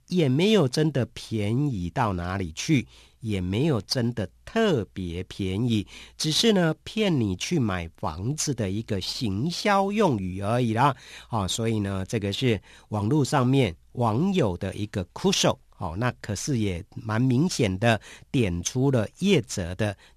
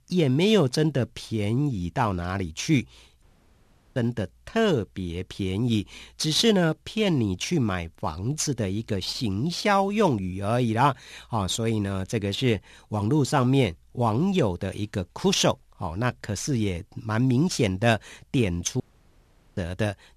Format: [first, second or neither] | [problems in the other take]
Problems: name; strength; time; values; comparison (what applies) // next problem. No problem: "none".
first | audio cutting out; at 3 s for 0.5 s and at 19 s for 1 s